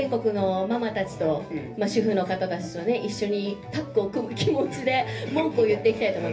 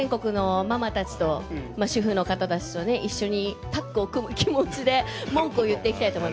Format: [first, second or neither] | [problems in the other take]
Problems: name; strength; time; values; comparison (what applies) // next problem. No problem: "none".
second | room echo; dies away in 0.3 s